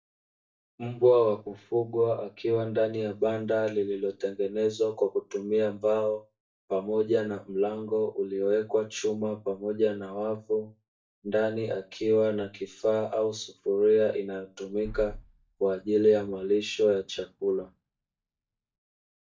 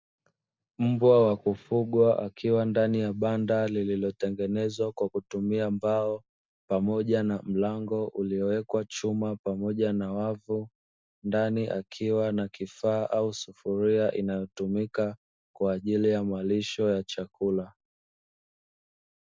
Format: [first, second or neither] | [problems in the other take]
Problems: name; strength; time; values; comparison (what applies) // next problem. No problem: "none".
second | noise reduction (neural mask model DeepFilterNet 3)